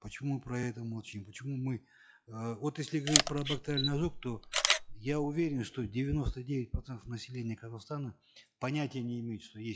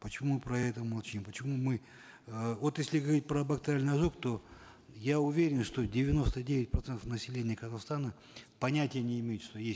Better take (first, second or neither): second